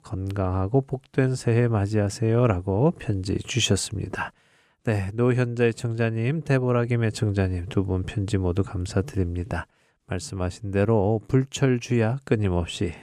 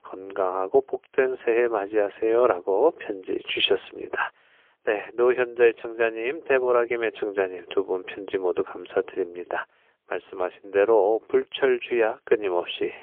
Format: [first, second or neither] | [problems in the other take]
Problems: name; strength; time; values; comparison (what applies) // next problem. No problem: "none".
first | phone-call audio; poor line; nothing above 3.5 kHz